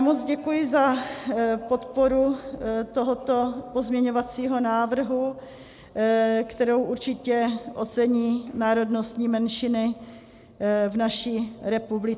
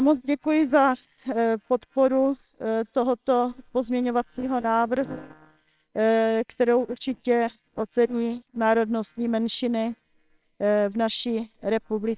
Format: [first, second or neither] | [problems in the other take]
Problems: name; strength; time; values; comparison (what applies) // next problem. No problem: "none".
first | noise reduction (neural separator model SepFormer WHAMR!)